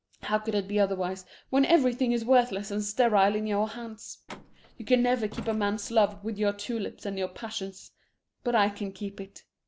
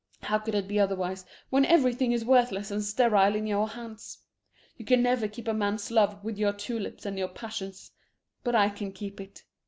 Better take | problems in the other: second | background sound (Truck); 18 dB below the speech

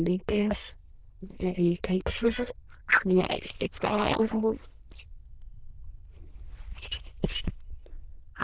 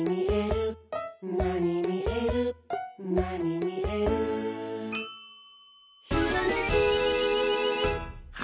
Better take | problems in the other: second | noise reduction (neural diffusion model UNIVERSE++)

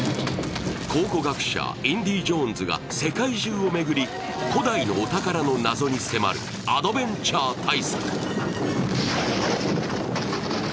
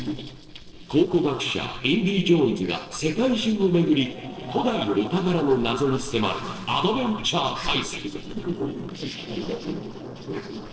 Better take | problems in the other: first | noise reduction (neural separator model SepFormer DNS4)

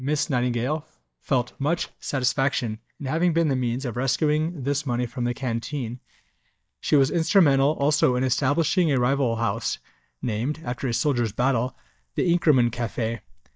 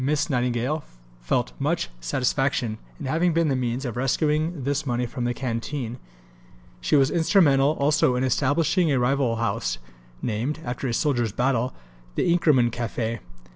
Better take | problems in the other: second | noise reduction (neural mask model DeepFilterNet 3)

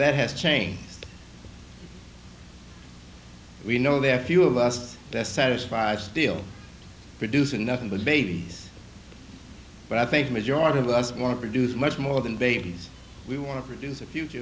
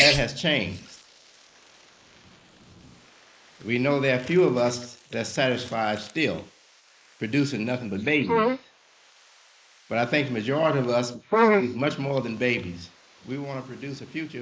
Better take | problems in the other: first | noise reduction (neural mask model Resemble Enhance denoiser)

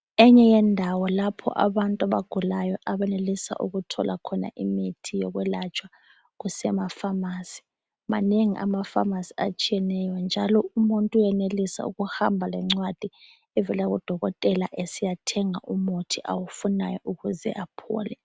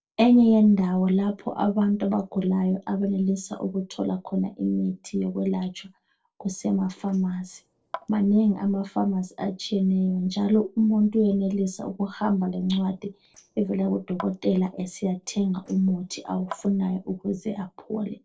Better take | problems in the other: first | noise reduction (neural separator model SepFormer DNS4)

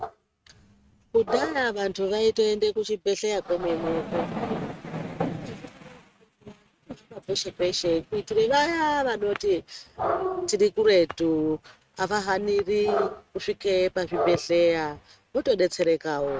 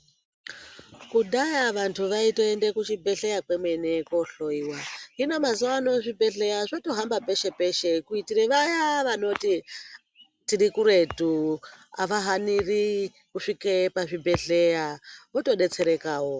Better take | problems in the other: second | noise reduction (neural mask model RNNoise)

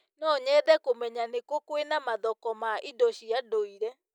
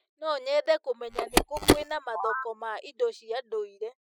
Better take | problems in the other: first | noise reduction (classical method spectral subtraction)

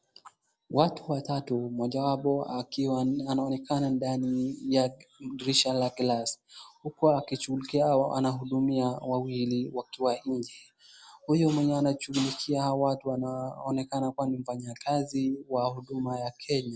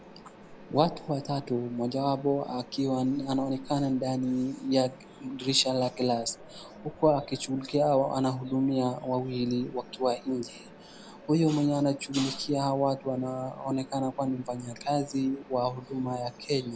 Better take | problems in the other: first | background sound (Mechanisms); 20 dB below the speech

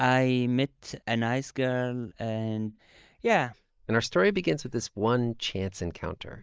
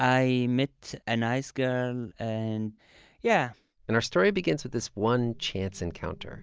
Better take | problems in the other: second | noise reduction (neural mask model Resemble Enhance denoiser)

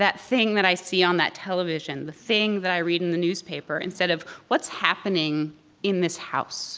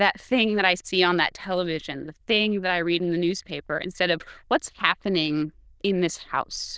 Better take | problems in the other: first | noise reduction (neural diffusion model UNIVERSE++)

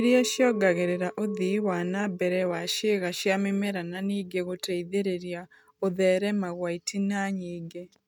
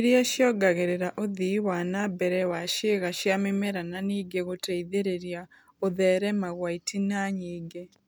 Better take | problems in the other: second | noise reduction (neural mask model RNNoise)

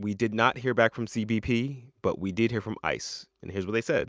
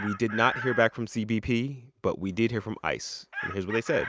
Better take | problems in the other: first | background sound (Chicken, rooster); 11 dB below the speech

